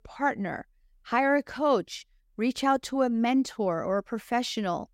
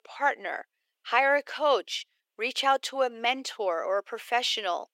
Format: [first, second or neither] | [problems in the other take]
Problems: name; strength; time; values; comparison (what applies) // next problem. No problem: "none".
first | thin; very; fading below 450 Hz